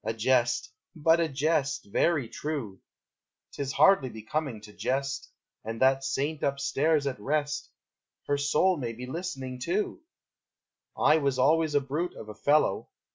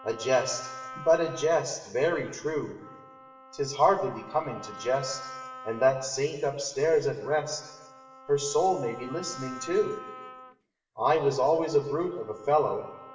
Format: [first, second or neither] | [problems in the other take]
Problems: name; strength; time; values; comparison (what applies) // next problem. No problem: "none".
first | background sound (Wind instrument, woodwind instrument); 17 dB below the speech // room echo; dies away in 1.2 s